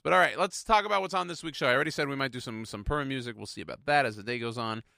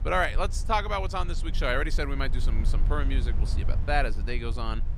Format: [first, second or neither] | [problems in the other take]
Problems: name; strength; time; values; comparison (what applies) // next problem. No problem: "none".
first | low rumble; noticeable; throughout; 20 dB below the speech